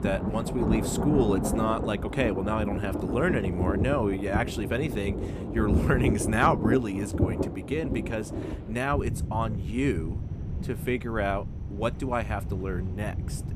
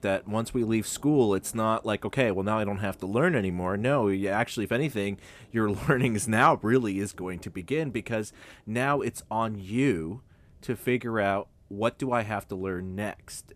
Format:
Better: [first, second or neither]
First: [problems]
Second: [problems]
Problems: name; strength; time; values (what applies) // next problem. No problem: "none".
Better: second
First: rain or running water; loud; throughout; 2 dB below the speech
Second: rain or running water; faint; throughout; 25 dB below the speech